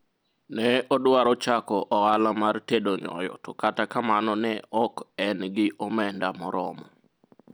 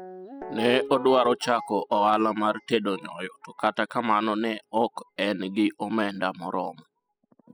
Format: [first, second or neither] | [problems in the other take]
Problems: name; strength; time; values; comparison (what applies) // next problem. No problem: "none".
first | noise reduction (classical method spectral subtraction)